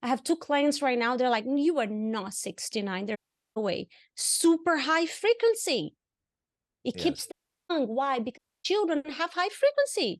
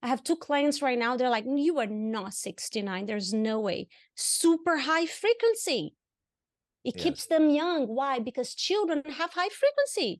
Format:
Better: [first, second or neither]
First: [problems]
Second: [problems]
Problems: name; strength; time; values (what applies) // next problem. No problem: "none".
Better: second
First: audio cutting out; at 3 s, at 7.5 s and at 8.5 s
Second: none